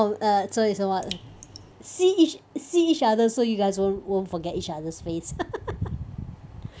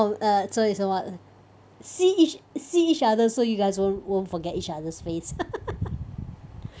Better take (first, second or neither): second